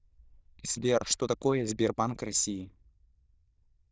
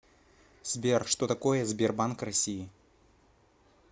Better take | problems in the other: second | noise reduction (neural diffusion model UNIVERSE++)

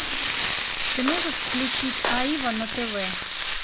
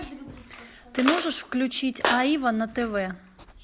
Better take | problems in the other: second | background sound (Frying (food)); 1 dB above the speech

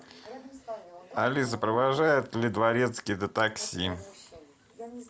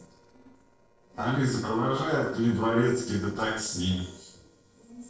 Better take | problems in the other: first | noise reduction (neural separator model SepFormer DNS4)

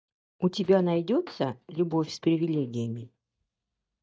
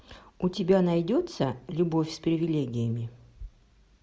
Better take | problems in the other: second | noise reduction (neural mask model DeepFilterNet 3)

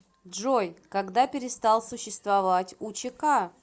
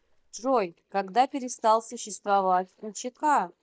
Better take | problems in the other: first | noise reduction (neural mask model DeepFilterNet 3)

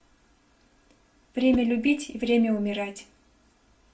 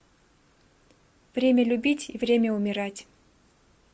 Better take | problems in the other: second | background sound (Whoosh, swoosh, swish); 13 dB below the speech // room echo; dies away in 0.2 s

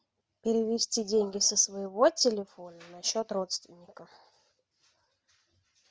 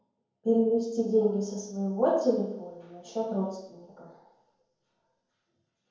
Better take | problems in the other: first | room echo; dies away in 0.9 s

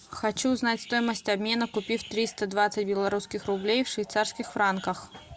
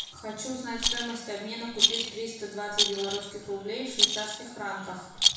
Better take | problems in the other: first | background sound (Rattle); 5 dB above the speech // room echo; dies away in 1 s

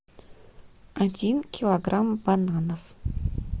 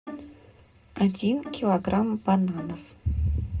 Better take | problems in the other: first | background sound (Bowed string instrument); 16 dB below the speech // room echo; dies away in 0.2 s

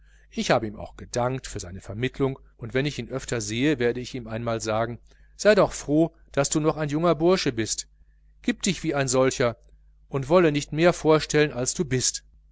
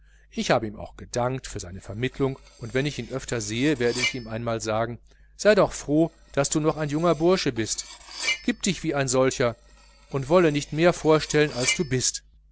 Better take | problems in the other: first | background sound (Cutlery, silverware); 13 dB below the speech

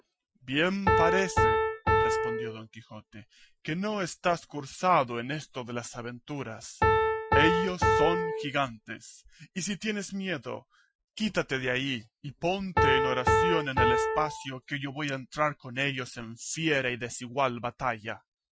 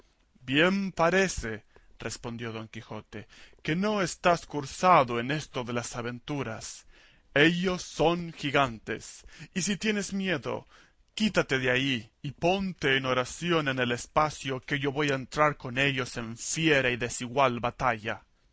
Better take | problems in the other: second | noise reduction (classical method Wiener filter)

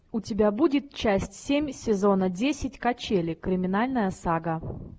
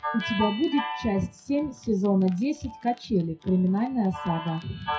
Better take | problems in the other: first | noise reduction (classical method WPE with log-MMSE)

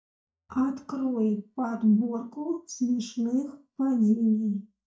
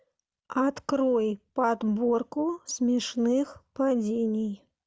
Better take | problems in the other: second | noise reduction (neural mask model DeepFilterNet 3)

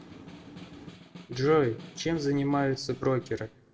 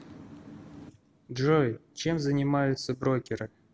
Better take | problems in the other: second | background sound (Snare drum); 19 dB below the speech // room echo; dies away in 0.3 s

